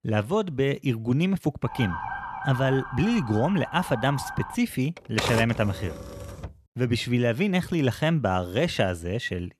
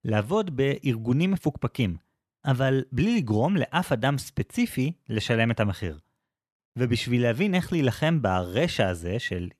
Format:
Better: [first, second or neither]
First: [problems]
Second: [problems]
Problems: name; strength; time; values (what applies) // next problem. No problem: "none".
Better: second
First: siren; noticeable; from 1.5 to 4.5 s; peak 6 dB below the speech // keyboard typing; noticeable; from 5 to 6.5 s; peak 2 dB below the speech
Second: none